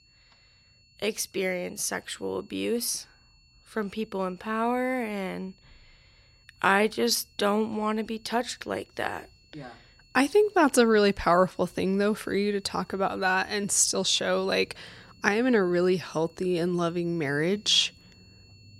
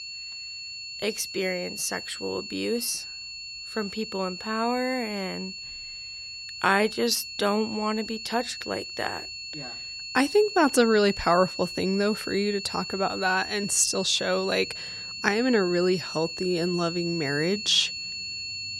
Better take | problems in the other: first | high-pitched whine; loud; throughout; 4.5 kHz, 8 dB below the speech; faint in the first

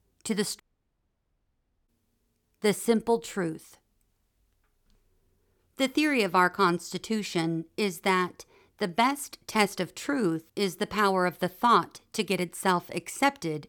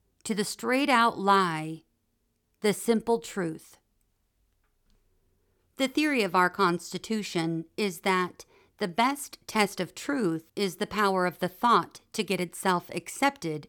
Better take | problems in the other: second | audio cutting out; at 0.5 s for 1.5 s

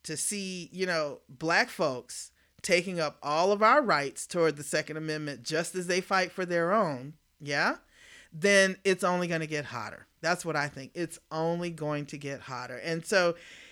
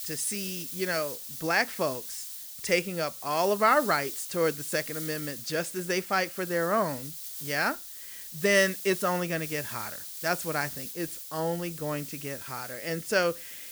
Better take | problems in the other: first | hiss; loud; throughout; 8 dB below the speech

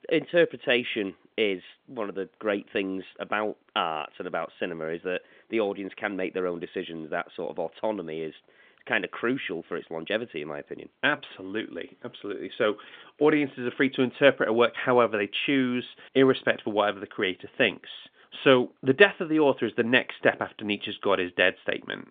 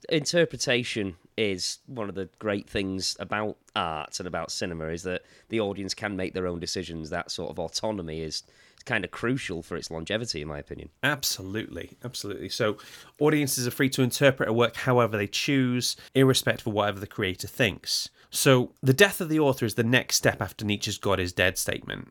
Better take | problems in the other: second | phone-call audio; nothing above 3.5 kHz

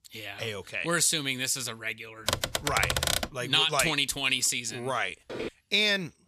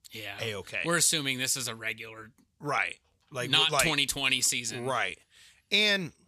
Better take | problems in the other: second | keyboard typing; loud; at 2.5 s; peak 1 dB above the speech // footsteps; faint; at 5.5 s; peak 10 dB below the speech

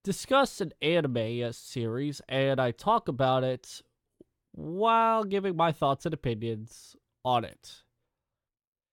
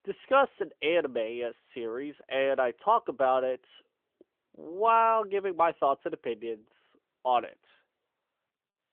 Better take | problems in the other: first | phone-call audio; nothing above 3.5 kHz

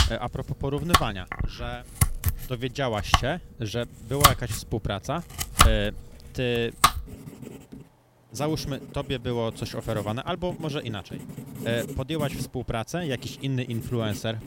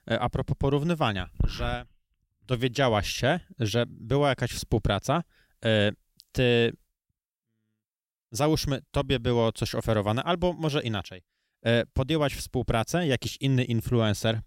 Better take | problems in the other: second | household noises; very loud; throughout; 4 dB above the speech

